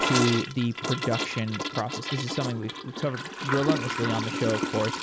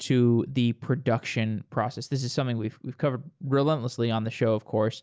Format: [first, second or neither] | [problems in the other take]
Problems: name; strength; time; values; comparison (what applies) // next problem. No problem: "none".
second | background sound (Toilet flush / Gurgling); 2 dB below the speech